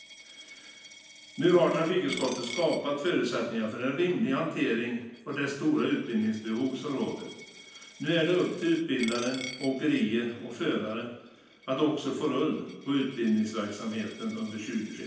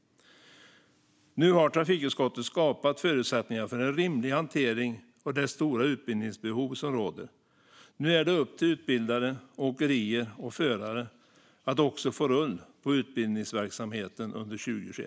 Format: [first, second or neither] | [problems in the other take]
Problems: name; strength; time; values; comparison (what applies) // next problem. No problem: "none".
second | background sound (Coin (dropping)); 17 dB below the speech // room echo; dies away in 0.9 s